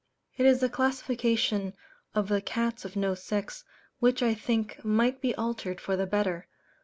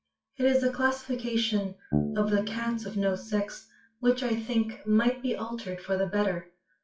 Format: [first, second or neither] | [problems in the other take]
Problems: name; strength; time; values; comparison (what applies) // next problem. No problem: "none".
first | noise reduction (classical method WPE with log-MMSE)